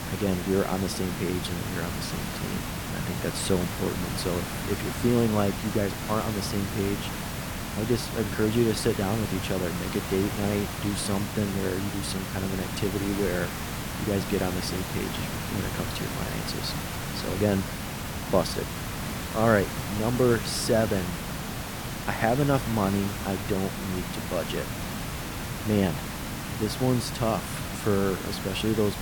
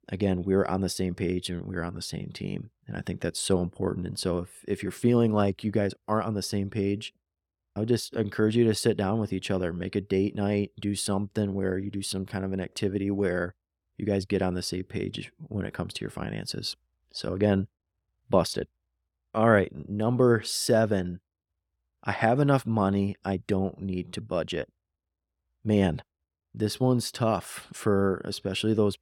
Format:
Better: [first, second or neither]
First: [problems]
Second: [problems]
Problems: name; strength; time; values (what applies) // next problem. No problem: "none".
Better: second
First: hiss; loud; throughout; 4 dB below the speech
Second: none